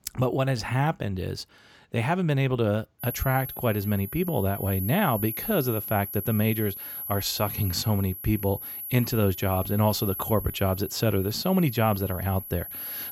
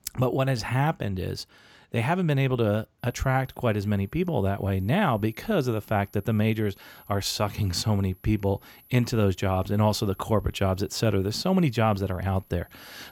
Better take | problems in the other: second | high-pitched whine; loud; from 3 s on; 11.5 kHz, 8 dB below the speech; faint in the second

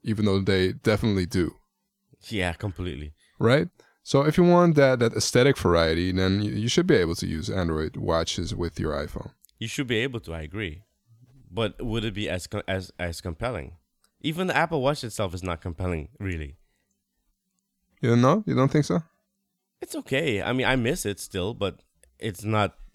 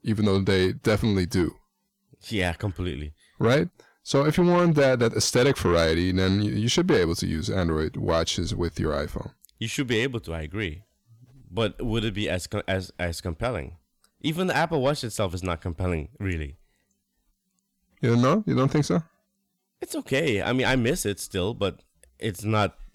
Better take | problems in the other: first | distortion; slight; 10 dB below the speech

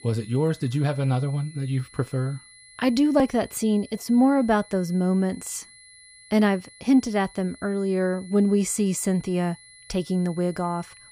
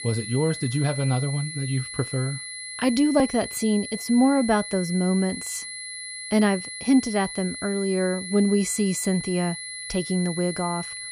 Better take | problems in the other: first | high-pitched whine; loud; throughout; 2 kHz, 9 dB below the speech; faint in the first

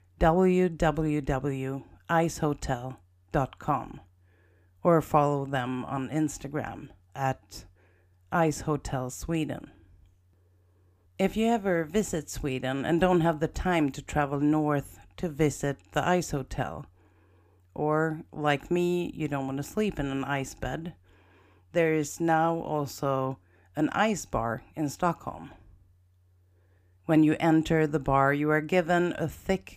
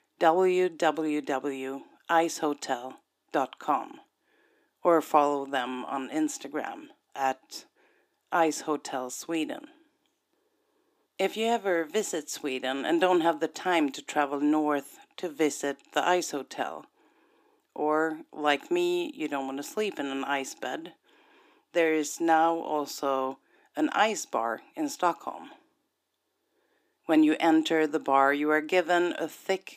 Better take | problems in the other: first | thin; very slightly; fading below 300 Hz

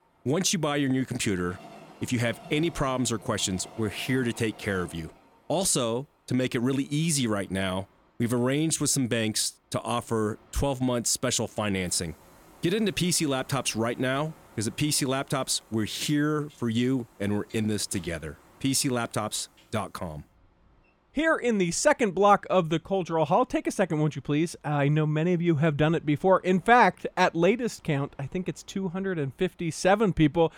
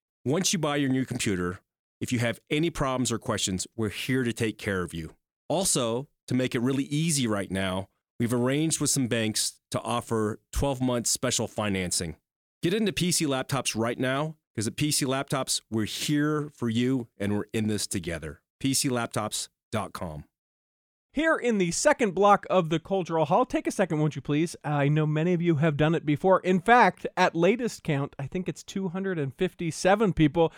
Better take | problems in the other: second | train or aircraft noise; faint; throughout; 25 dB below the speech

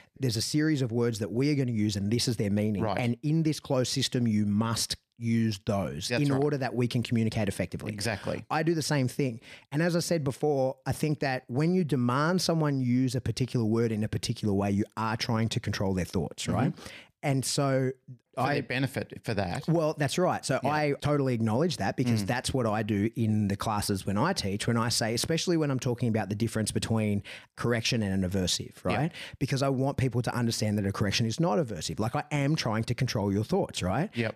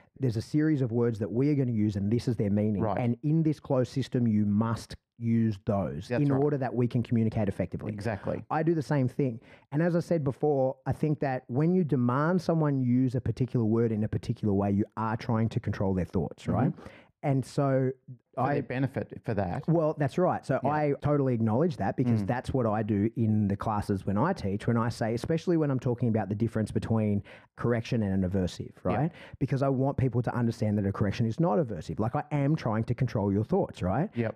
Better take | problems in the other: first | muffled; very; fading above 2 kHz

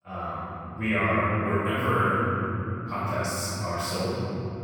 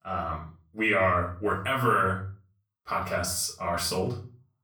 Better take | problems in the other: second | room echo; strong; dies away in 3 s; slight in the second // off-mic speech; far; far in the second

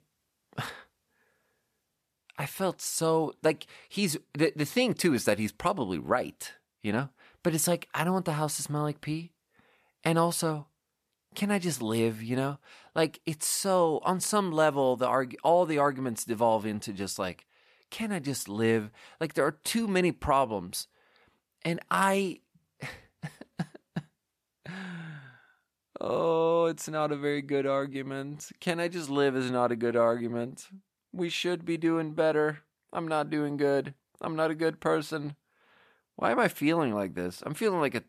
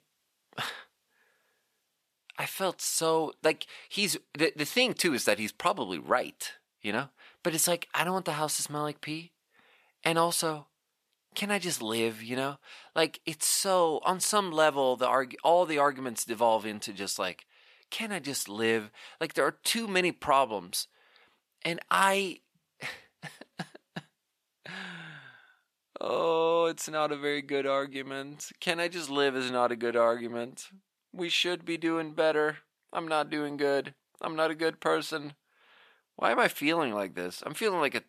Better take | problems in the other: first | thin; very slightly; fading below 500 Hz

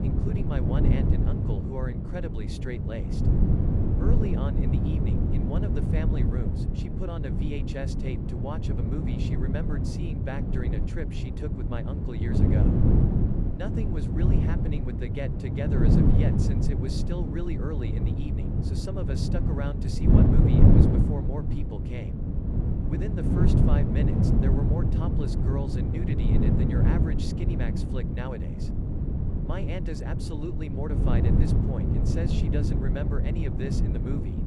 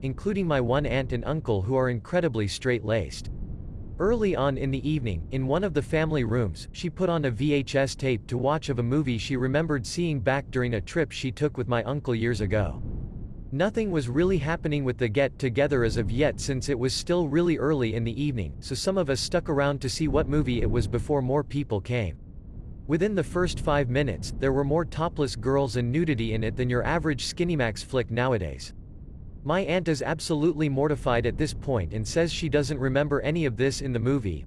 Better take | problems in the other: second | wind noise on the microphone; heavy; 3 dB above the speech; occasional gusts in the second

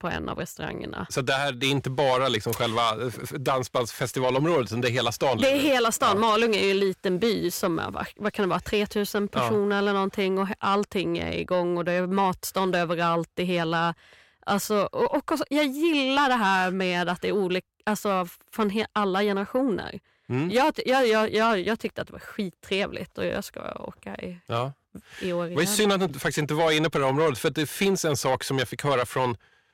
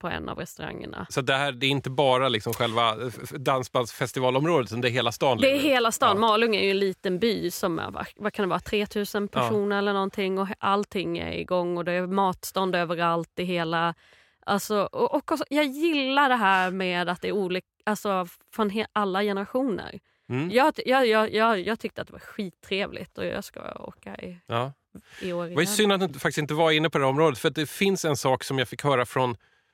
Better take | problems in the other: second | distortion; slight; 10 dB below the speech

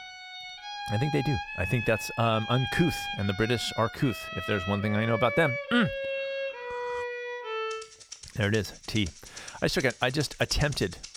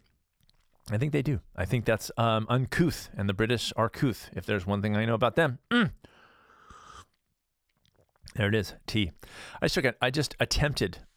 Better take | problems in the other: second | background music; loud; throughout; 7 dB below the speech

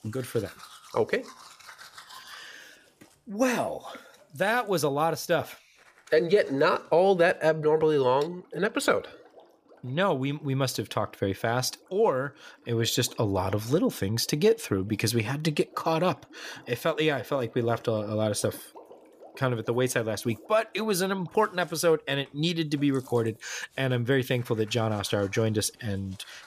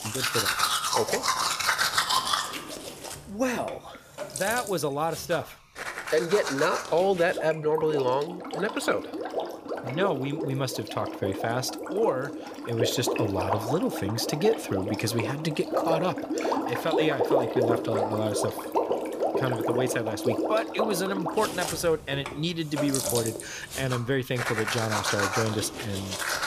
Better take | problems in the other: first | household noises; loud; throughout; 1 dB below the speech; faint in the first

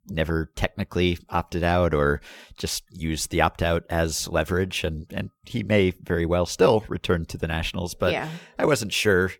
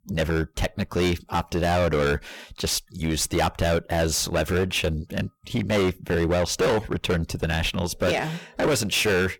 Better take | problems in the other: first | distortion; heavy; 16% of the sound clipped

